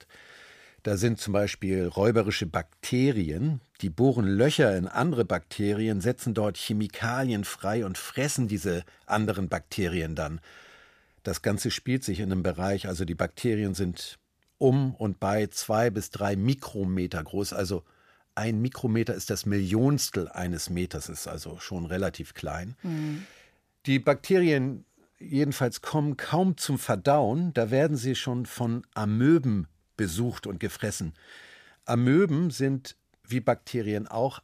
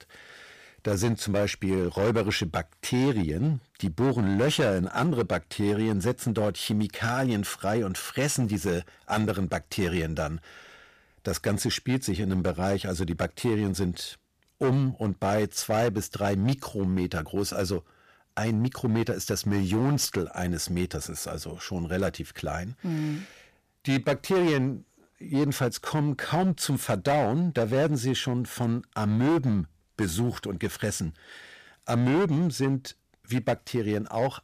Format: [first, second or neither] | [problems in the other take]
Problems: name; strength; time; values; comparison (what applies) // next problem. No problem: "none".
first | distortion; slight; 9% of the sound clipped